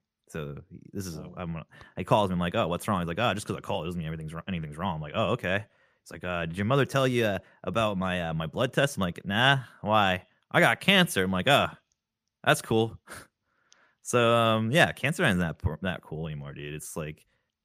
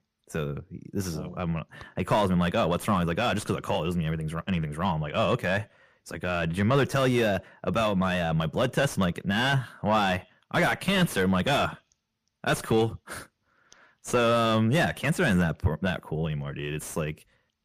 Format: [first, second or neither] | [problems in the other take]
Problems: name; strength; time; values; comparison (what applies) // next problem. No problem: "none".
first | distortion; heavy; 6 dB below the speech